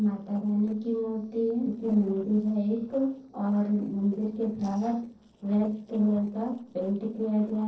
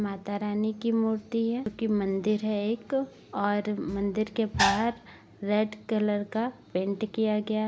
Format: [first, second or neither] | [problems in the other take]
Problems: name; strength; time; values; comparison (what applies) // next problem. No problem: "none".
second | noise reduction (neural separator model SepFormer DNS4)